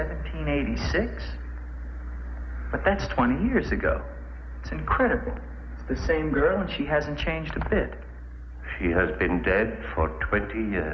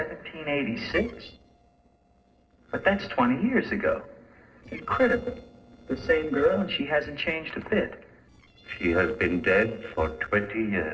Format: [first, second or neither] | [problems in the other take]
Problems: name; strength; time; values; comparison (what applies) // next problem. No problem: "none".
first | noise reduction (neural separator model SepFormer DNS4)